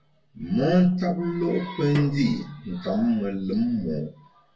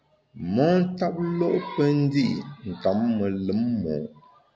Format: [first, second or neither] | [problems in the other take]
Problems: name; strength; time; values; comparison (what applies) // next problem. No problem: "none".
second | background sound (Snare drum); 17 dB below the speech // room echo; dies away in 0.1 s